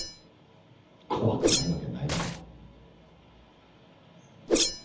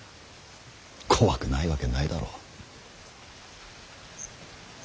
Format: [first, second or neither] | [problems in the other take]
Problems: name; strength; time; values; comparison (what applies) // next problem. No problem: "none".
second | background sound (Whoosh, swoosh, swish); 2 dB above the speech // room echo; dies away in 0.8 s